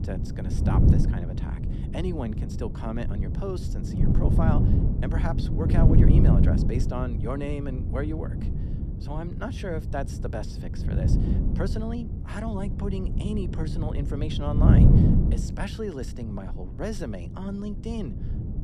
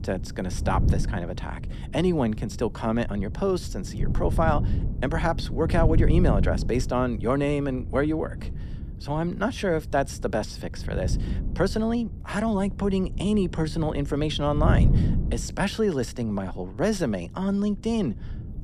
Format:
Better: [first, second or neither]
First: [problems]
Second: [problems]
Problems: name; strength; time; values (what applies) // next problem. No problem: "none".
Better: second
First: wind noise on the microphone; heavy; as loud as the speech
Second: wind noise on the microphone; occasional gusts; 15 dB below the speech